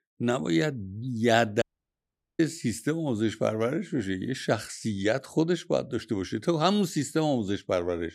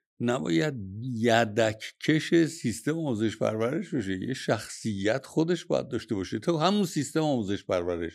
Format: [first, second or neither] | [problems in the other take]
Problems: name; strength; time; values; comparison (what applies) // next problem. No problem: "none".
second | audio cutting out; at 1.5 s for 1 s